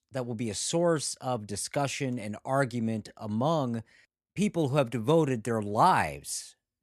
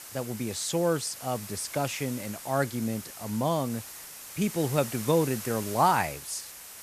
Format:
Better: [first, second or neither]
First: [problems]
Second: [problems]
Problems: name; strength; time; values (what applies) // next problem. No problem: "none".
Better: first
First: none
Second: hiss; noticeable; throughout; 10 dB below the speech